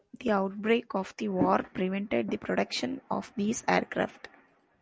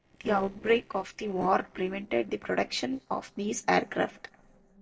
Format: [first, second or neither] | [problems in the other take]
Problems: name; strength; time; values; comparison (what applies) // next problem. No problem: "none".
first | noise reduction (neural separator model SepFormer DNS4)